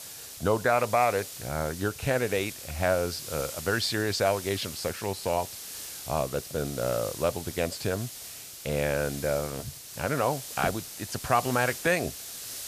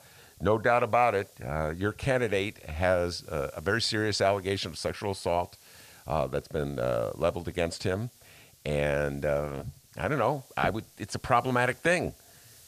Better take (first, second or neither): second